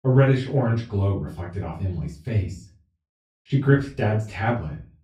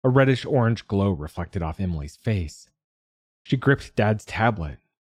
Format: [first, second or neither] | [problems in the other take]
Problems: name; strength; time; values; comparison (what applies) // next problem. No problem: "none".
second | off-mic speech; far // room echo; slight; dies away in 0.3 s